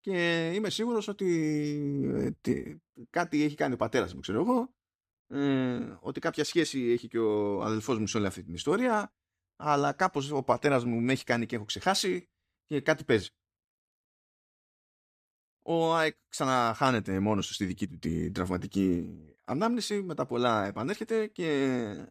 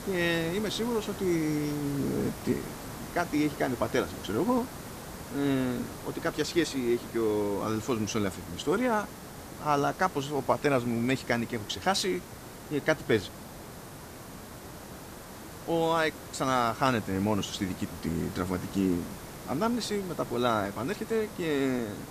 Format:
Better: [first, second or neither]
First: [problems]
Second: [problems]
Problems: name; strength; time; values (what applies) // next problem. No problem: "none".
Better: first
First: none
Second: hiss; noticeable; throughout; 10 dB below the speech